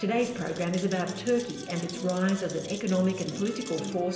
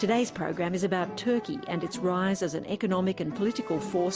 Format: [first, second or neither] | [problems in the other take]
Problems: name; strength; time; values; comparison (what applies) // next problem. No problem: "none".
second | background sound (Rattle); 16 dB below the speech // room echo; dies away in 0.9 s